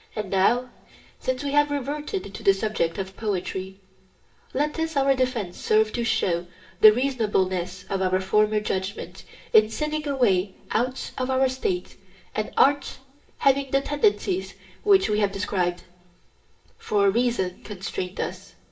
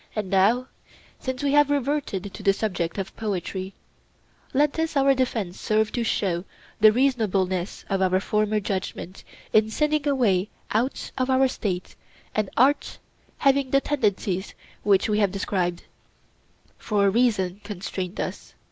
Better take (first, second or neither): second